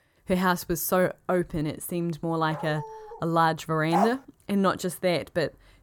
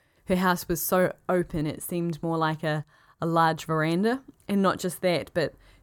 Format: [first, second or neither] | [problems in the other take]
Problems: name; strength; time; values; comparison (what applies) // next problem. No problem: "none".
second | dog barking; faint; at 2.5 s; peak 10 dB below the speech // dog barking; noticeable; at 4 s; peak 1 dB below the speech